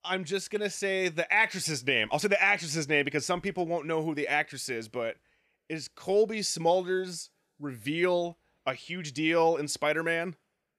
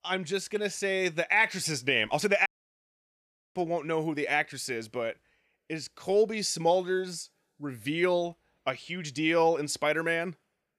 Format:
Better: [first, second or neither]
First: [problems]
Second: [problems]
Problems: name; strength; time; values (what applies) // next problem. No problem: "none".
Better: first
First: none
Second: audio cutting out; at 2.5 s for 1 s